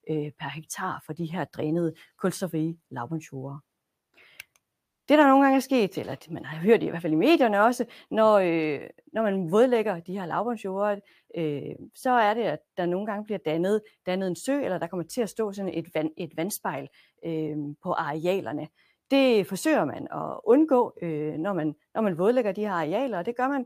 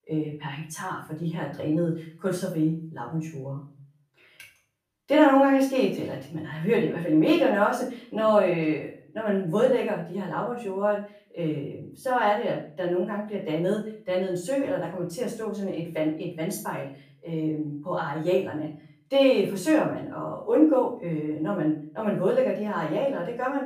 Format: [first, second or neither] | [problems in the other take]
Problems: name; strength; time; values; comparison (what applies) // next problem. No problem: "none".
first | off-mic speech; far // room echo; noticeable; dies away in 0.4 s